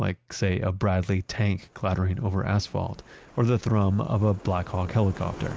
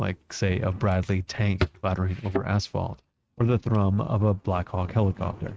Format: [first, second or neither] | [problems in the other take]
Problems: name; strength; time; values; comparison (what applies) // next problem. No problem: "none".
first | noise reduction (neural mask model RNNoise)